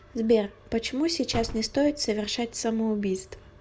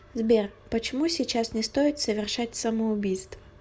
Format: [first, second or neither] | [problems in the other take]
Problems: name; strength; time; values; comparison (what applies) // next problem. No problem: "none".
second | background sound (Slam); 12 dB below the speech